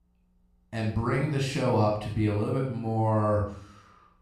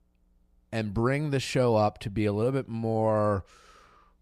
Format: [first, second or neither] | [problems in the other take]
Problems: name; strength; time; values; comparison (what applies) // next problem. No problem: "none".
second | off-mic speech; somewhat distant // room echo; noticeable; dies away in 0.5 s